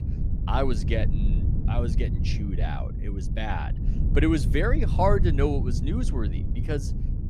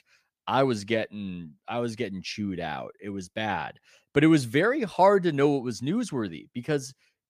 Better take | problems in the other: second | low rumble; noticeable; throughout; 10 dB below the speech

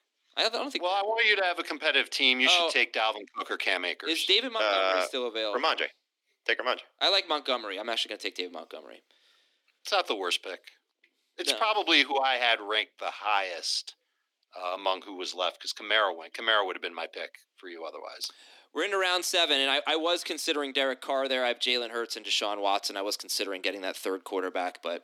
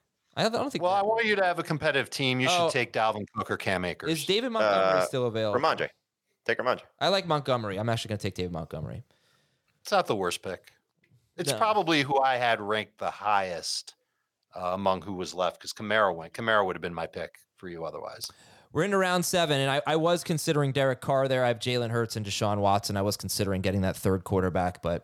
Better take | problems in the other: second | thin; somewhat; fading below 250 Hz

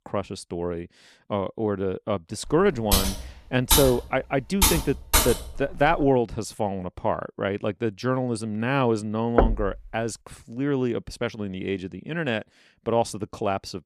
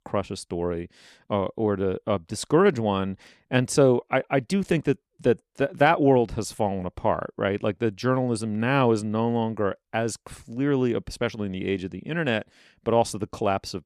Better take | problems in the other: second | keyboard typing; loud; from 2.5 to 6 s; peak 6 dB above the speech // door banging; loud; at 9.5 s; peak 3 dB above the speech

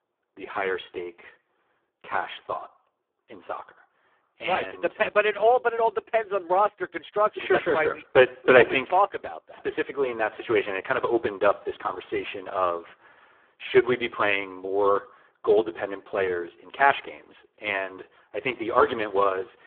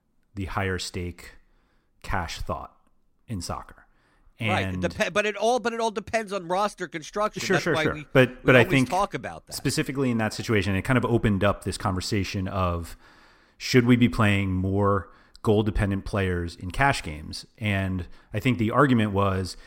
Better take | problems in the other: second | phone-call audio; poor line

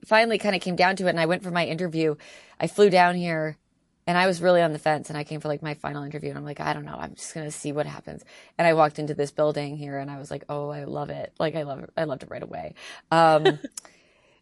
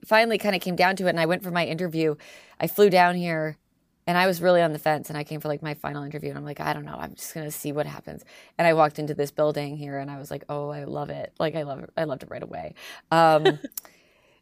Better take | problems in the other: second | garbled, watery; slightly; nothing above 11.5 kHz

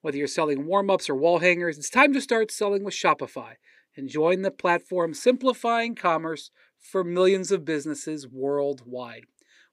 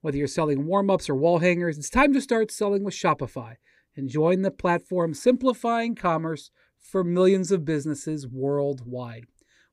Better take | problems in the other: second | thin; very slightly; fading below 300 Hz

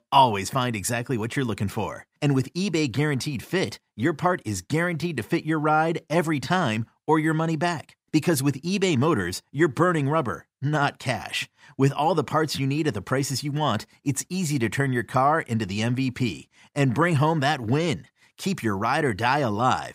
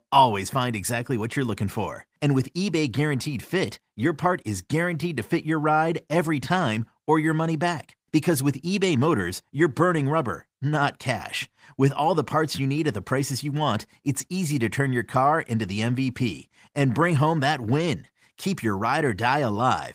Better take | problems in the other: first | garbled, watery; slightly; nothing above 15.5 kHz

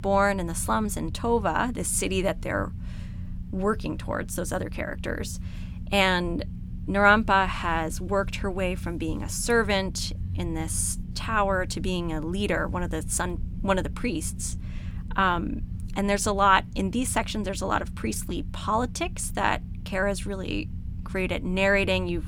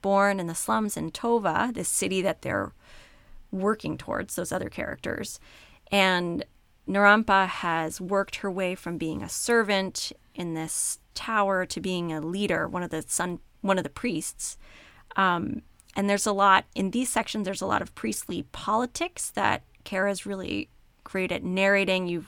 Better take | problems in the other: second | low rumble; faint; throughout; 25 dB below the speech

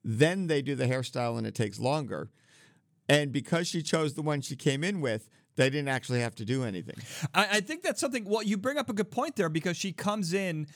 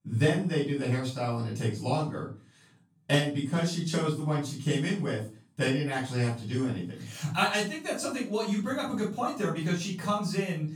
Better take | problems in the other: first | off-mic speech; far // room echo; noticeable; dies away in 0.3 s

